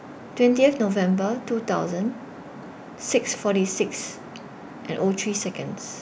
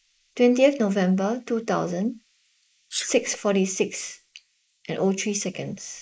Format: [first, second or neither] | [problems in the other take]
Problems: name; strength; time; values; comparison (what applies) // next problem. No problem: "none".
first | noise reduction (neural mask model Resemble Enhance denoiser)